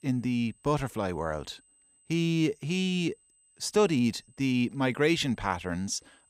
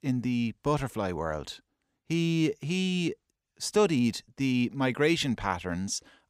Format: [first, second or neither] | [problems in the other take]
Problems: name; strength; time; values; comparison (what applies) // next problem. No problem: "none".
second | high-pitched whine; faint; throughout; 8 kHz, 35 dB below the speech